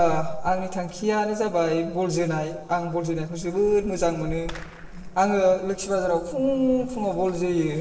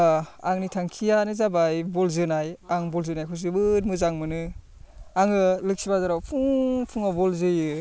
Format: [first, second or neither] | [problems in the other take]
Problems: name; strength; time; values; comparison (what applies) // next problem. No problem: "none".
second | noise reduction (neural separator model SepFormer DNS4)